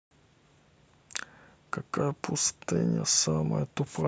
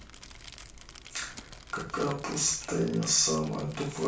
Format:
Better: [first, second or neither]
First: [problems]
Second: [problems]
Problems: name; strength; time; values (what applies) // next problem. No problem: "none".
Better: first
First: none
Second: background sound (Crumpling, crinkling); 16 dB below the speech // room echo; dies away in 0.3 s